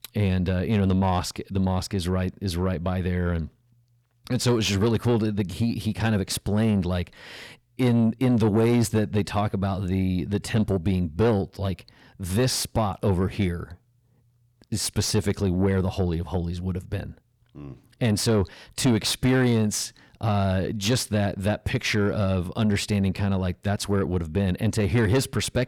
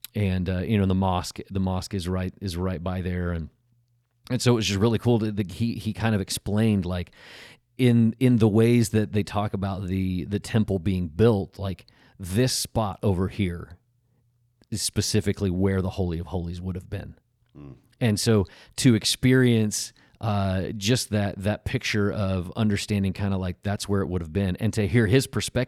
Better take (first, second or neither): second